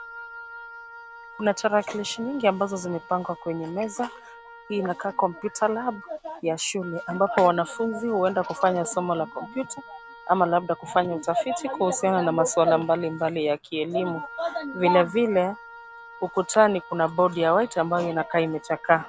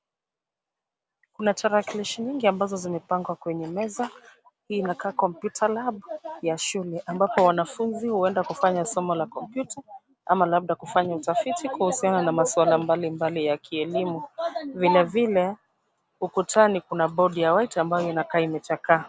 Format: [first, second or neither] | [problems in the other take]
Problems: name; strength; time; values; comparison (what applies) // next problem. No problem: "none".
second | background sound (Wind instrument, woodwind instrument); 18 dB below the speech